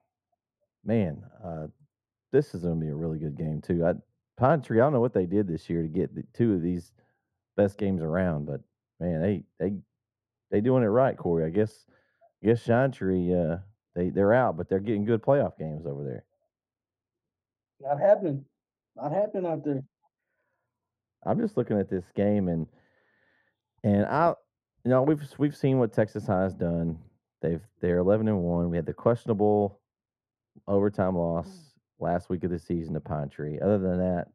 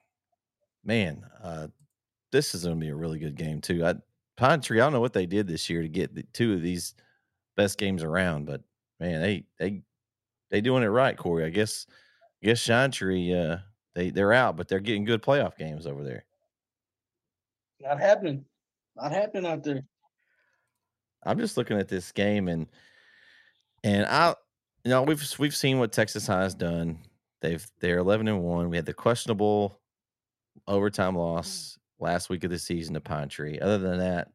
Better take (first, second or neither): second